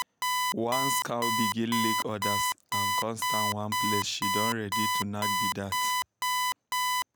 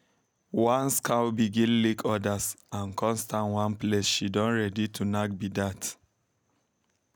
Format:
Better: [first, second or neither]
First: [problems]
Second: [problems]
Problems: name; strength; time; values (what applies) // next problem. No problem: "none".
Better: second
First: background sound (Alarm); 4 dB above the speech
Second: none